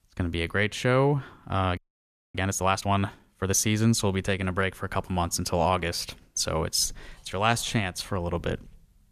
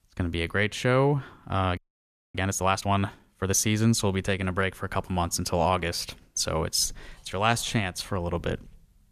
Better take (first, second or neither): neither